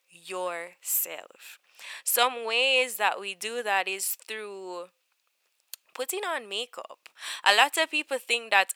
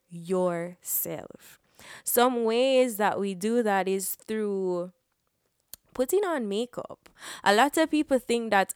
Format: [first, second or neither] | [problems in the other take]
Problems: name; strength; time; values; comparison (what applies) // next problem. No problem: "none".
second | thin; very; fading below 750 Hz